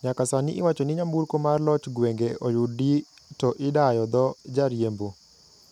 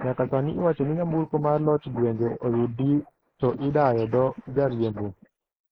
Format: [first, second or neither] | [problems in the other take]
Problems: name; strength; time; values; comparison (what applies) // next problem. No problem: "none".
first | noise reduction (neural mask model Resemble Enhance denoiser)